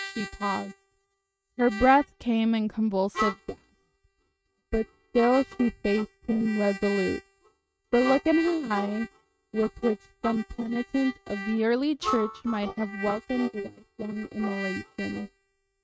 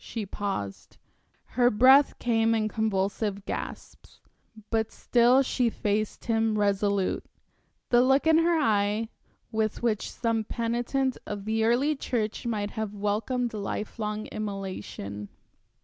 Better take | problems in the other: second | noise reduction (neural mask model RNNoise)

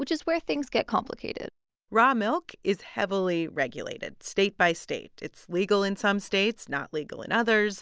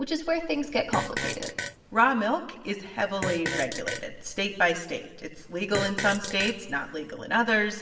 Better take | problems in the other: first | background sound (Fart); 8 dB below the speech // room echo; dies away in 1.1 s

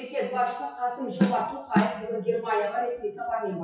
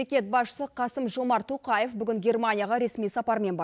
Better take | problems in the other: second | noise reduction (classical method WPE with log-MMSE)

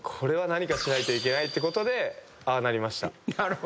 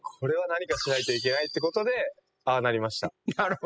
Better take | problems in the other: first | noise reduction (classical method spectral subtraction)

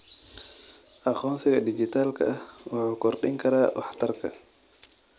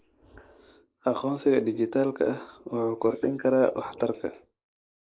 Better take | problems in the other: first | noise reduction (neural mask model Resemble Enhance denoiser)

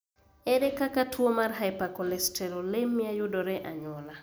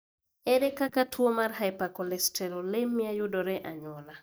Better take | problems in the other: first | noise reduction (neural mask model DeepFilterNet 3)

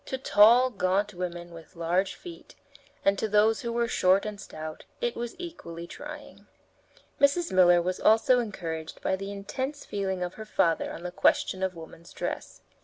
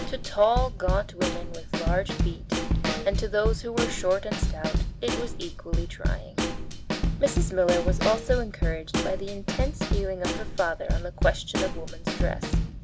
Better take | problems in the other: first | background sound (Snare drum / Drum kit); 2 dB above the speech

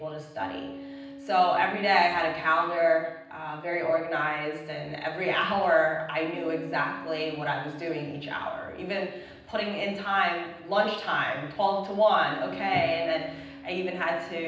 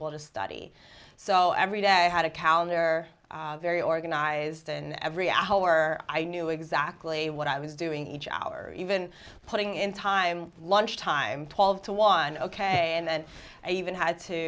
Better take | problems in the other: second | background sound (Bass guitar); 18 dB below the speech // room echo; dies away in 0.9 s

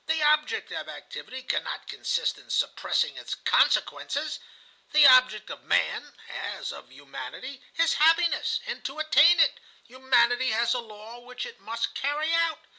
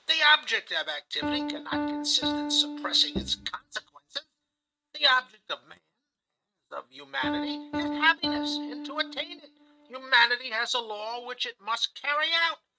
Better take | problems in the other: first | noise reduction (neural mask model RNNoise)

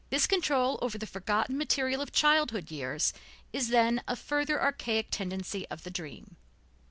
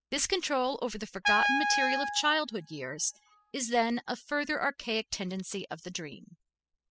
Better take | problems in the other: first | noise reduction (classical method spectral subtraction)

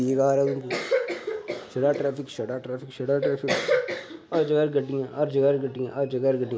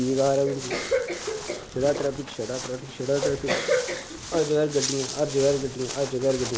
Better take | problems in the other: first | background sound (Walk, footsteps); 11 dB below the speech

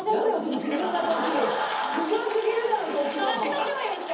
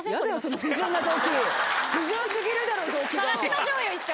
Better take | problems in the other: second | room echo; dies away in 0.7 s

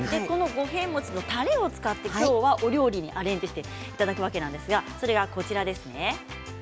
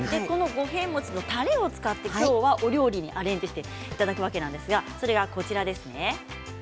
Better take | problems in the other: first | background sound (Tap); 17 dB below the speech

